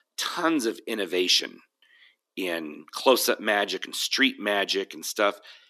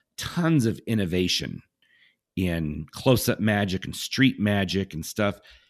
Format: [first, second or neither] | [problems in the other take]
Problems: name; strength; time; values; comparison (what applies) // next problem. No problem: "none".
second | thin; somewhat; fading below 300 Hz